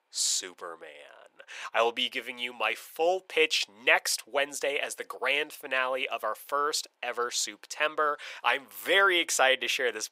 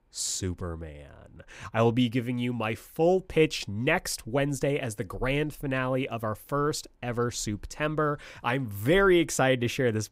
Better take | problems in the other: second | thin; very; fading below 550 Hz

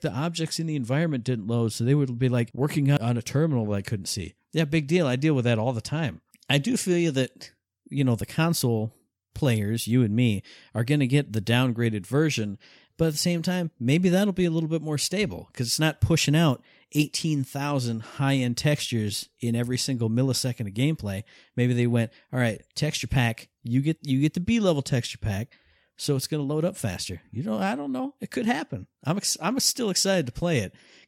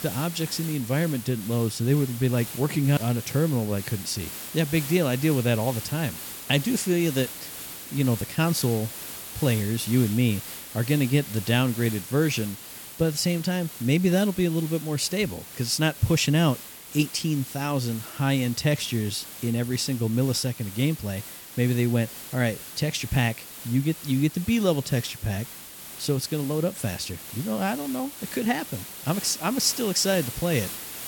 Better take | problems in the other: first | hiss; noticeable; throughout; 10 dB below the speech

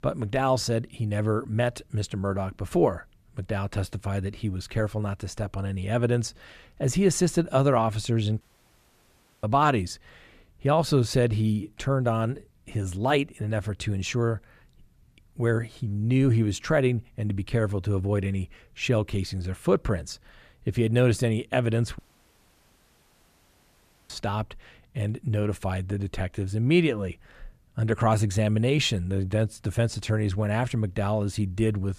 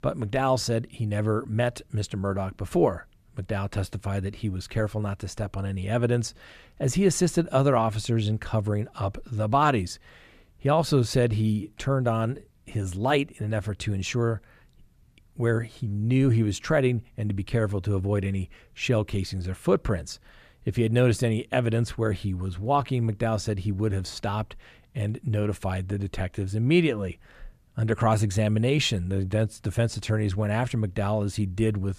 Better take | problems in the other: second | audio cutting out; at 8.5 s for 1 s and at 22 s for 2 s

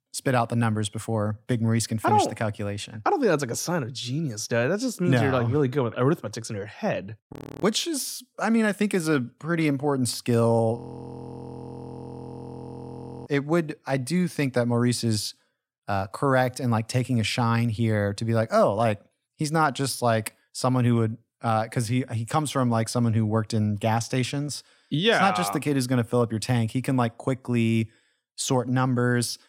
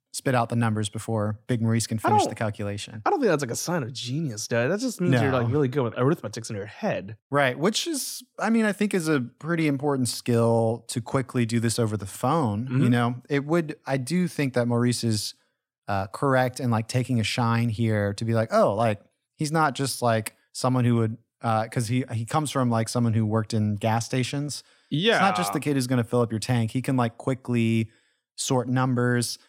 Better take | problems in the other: second | audio freezing; at 7.5 s and at 11 s for 2.5 s

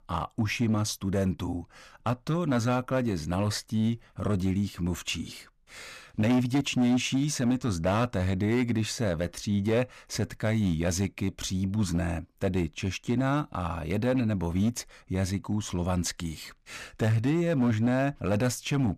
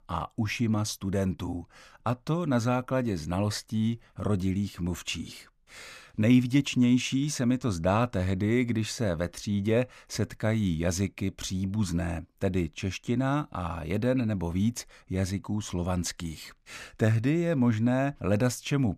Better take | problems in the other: second | distortion; slight; 6% of the sound clipped

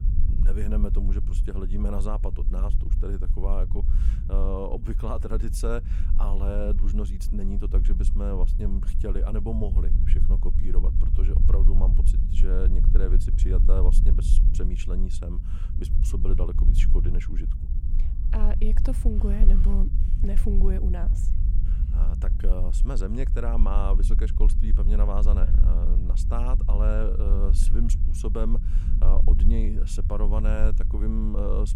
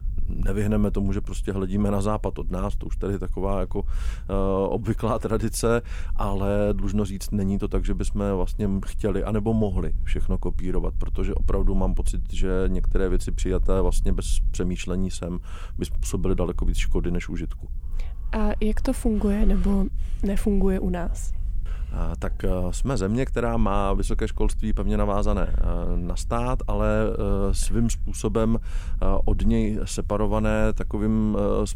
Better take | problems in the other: second | low rumble; loud; throughout; 8 dB below the speech; faint in the second

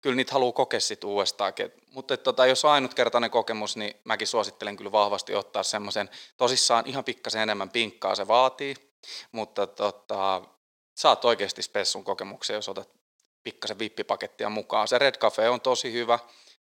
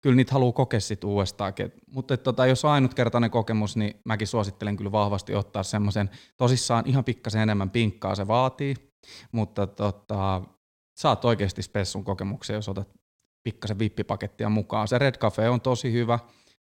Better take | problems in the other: second | thin; very; fading below 550 Hz

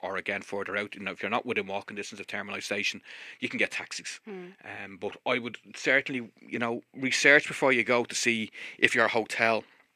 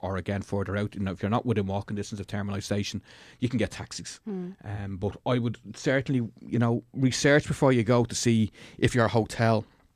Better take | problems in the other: second | thin; somewhat; fading below 350 Hz

